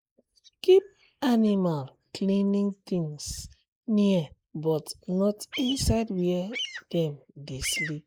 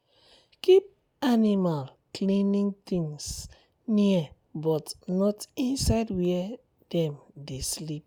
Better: second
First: noise reduction (neural mask model Resemble Enhance denoiser)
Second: none

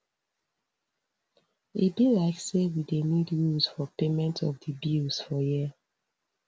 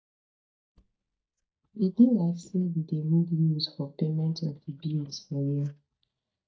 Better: first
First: none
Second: noise reduction (neural mask model DeepFilterNet 3)

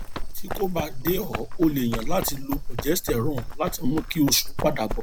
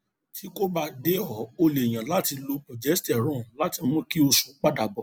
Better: second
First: background sound (Run); 2 dB below the speech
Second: none

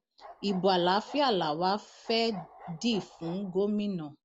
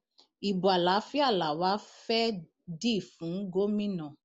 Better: second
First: background sound (Bark); 19 dB below the speech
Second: none

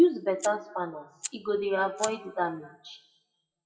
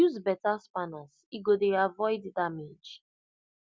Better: second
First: noise reduction (classical method WPE with log-MMSE)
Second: none

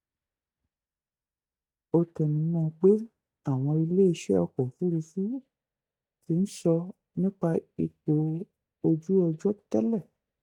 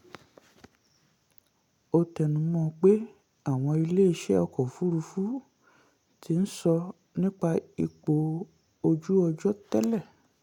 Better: second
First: noise reduction (neural mask model DeepFilterNet 3)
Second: none

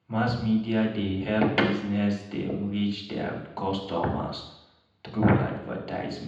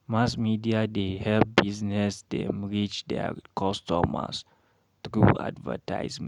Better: second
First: room echo; dies away in 0.8 s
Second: none

